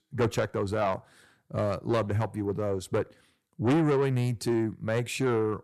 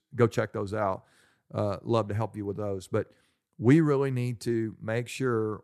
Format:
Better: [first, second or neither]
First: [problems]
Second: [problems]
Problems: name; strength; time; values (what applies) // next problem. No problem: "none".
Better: second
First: distortion; heavy; 7 dB below the speech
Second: none